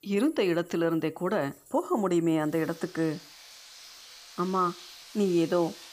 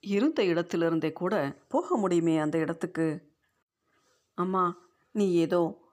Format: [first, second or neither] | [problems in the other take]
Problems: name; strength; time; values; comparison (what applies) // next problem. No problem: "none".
second | household noises; noticeable; throughout; 20 dB below the speech